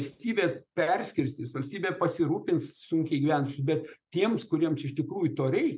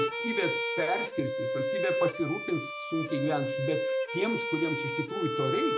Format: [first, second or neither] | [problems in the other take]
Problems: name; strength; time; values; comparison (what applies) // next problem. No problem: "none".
first | background sound (Bowed string instrument); 1 dB above the speech